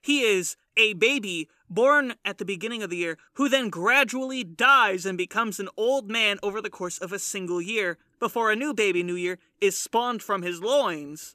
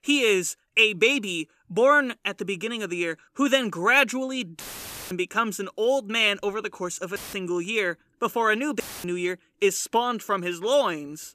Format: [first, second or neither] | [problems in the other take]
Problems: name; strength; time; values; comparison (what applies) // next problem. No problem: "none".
first | audio cutting out; filled with static; at 4.5 s for 0.5 s, at 7 s and at 9 s